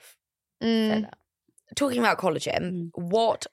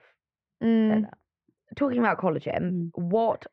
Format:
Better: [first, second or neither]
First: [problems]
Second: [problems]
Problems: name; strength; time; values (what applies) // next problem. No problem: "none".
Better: first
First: none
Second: muffled; very; fading above 2 kHz